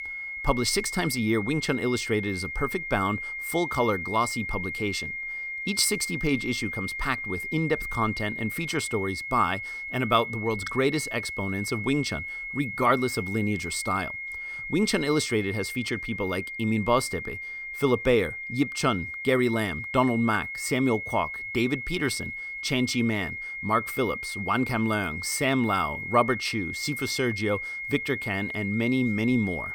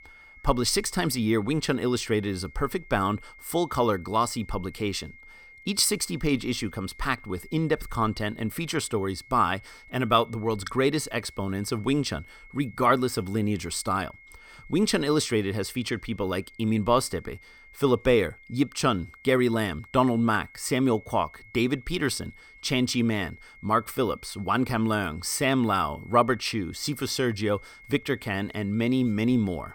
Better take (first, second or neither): second